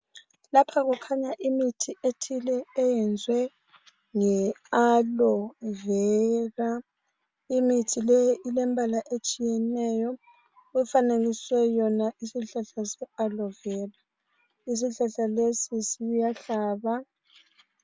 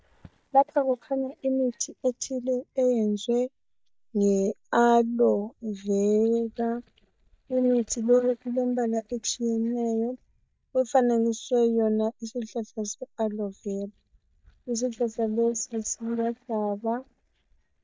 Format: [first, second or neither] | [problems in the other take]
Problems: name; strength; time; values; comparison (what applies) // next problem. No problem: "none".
first | noise reduction (neural mask model DeepFilterNet 3)